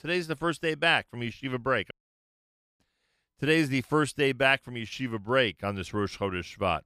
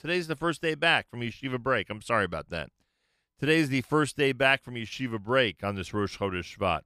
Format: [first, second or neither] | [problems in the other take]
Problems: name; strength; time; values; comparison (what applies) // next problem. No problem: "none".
second | audio cutting out; at 2 s for 1 s